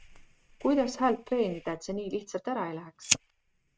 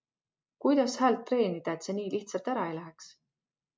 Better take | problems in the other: second | noise reduction (neural mask model RNNoise)

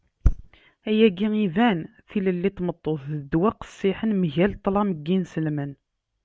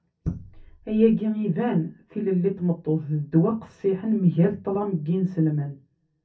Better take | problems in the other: first | room echo; dies away in 0.3 s

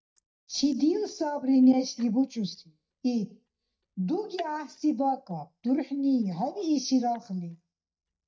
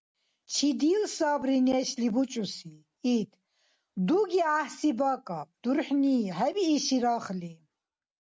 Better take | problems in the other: second | noise reduction (neural mask model DeepFilterNet 3)

